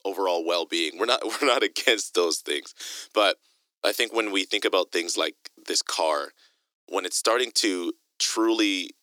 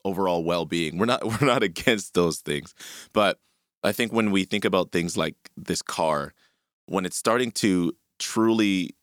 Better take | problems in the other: second | thin; somewhat; fading below 300 Hz

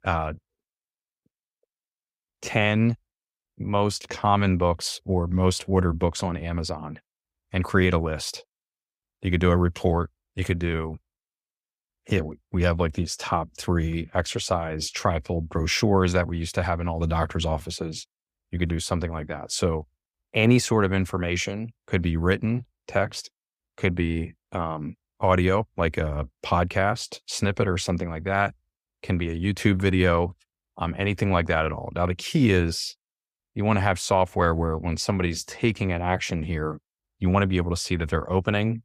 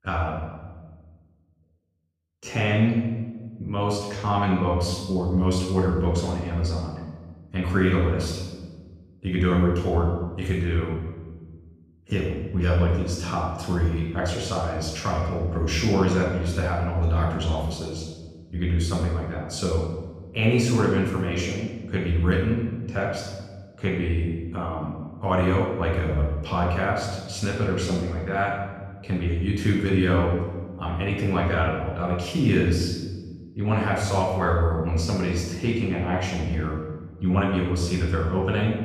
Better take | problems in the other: first | off-mic speech; far // room echo; noticeable; dies away in 1.2 s

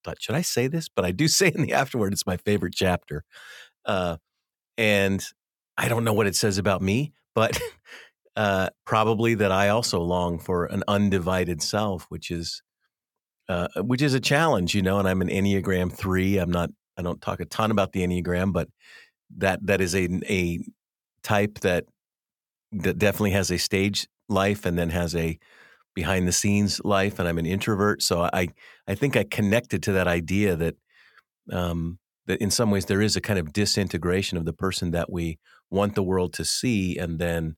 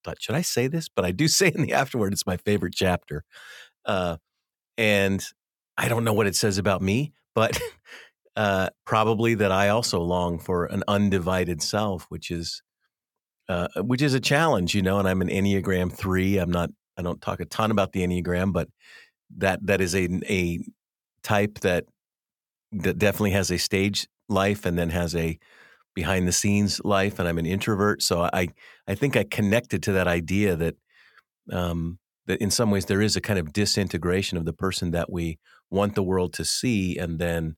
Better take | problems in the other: neither | none

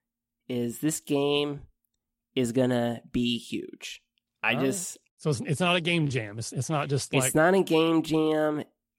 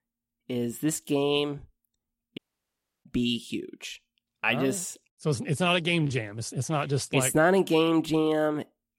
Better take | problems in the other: first | audio cutting out; at 2.5 s for 0.5 s

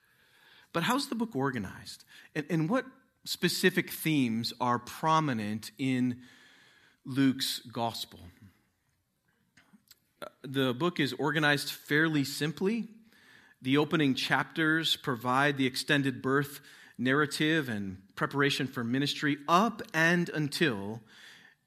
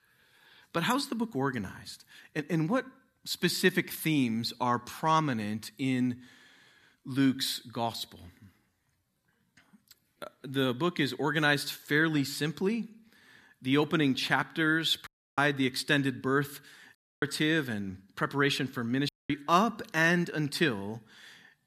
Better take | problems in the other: first | audio cutting out; at 15 s, at 17 s and at 19 s

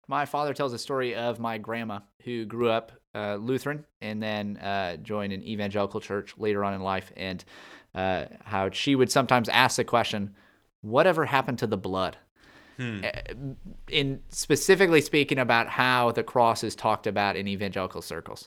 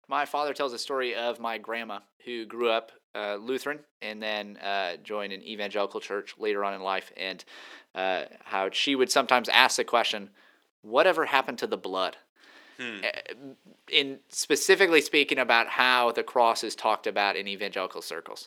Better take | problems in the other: first | thin; somewhat; fading below 300 Hz

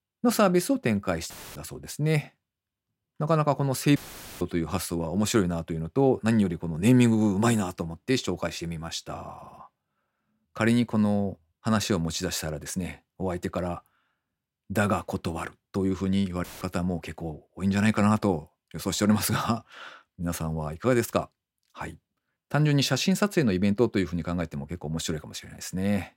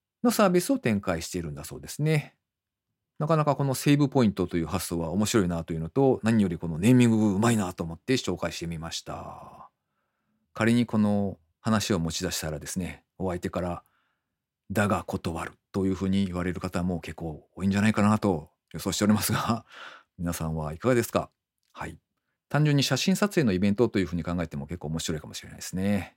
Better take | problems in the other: second | audio cutting out; filled with static; at 1.5 s, at 4 s and at 16 s

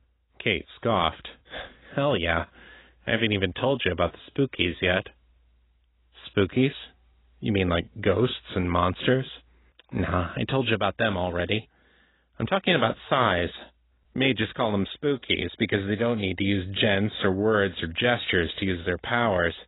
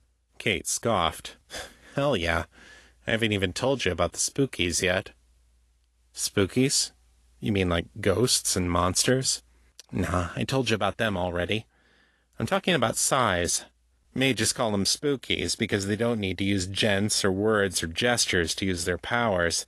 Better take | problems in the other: second | garbled, watery; badly; nothing above 4 kHz; slightly in the second

